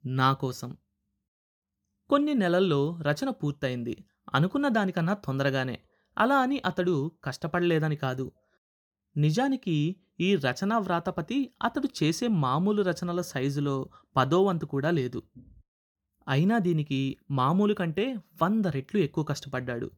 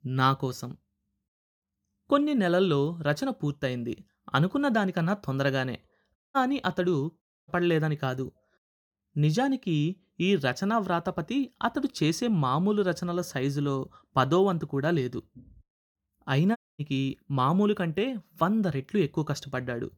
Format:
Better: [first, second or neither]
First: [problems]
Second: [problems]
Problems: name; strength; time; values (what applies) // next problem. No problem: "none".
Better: first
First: none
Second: audio cutting out; at 6 s, at 7 s and at 17 s